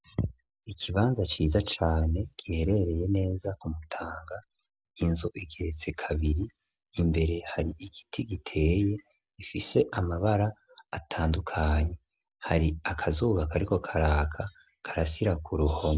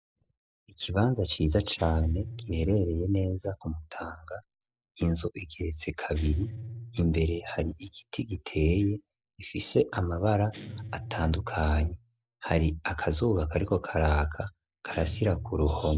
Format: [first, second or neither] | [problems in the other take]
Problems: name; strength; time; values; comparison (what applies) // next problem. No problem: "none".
first | noise reduction (neural mask model DeepFilterNet 3)